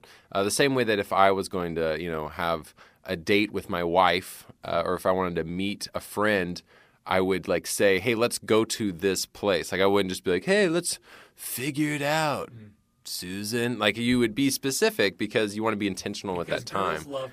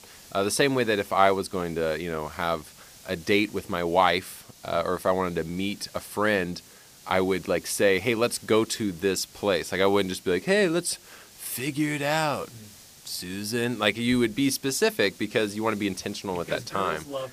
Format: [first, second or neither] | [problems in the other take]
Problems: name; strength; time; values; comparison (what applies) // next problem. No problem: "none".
first | hiss; faint; throughout; 20 dB below the speech